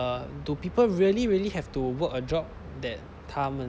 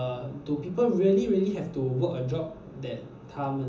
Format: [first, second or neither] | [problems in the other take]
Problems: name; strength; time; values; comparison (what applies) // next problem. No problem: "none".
first | room echo; dies away in 0.7 s